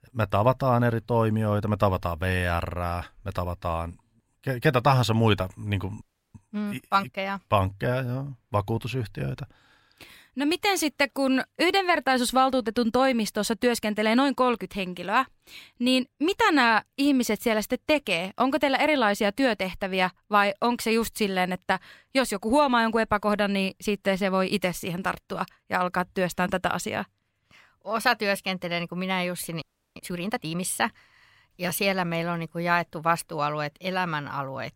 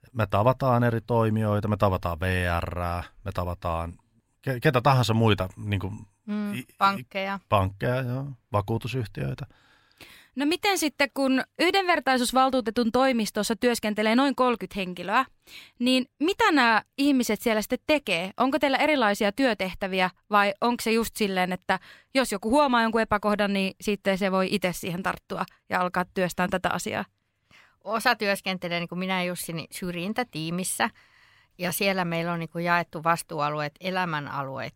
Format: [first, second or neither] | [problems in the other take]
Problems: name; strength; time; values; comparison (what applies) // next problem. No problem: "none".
second | audio freezing; at 6 s and at 30 s